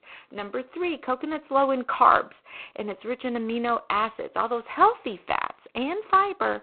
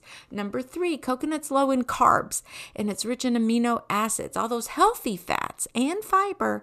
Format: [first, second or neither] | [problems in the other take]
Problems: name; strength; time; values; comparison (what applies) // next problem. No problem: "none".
second | phone-call audio; poor line; nothing above 4 kHz